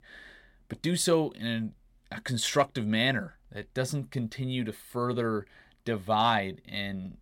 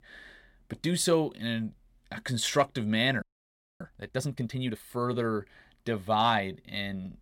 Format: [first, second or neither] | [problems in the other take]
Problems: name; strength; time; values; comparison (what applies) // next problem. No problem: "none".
first | audio freezing; at 3 s for 0.5 s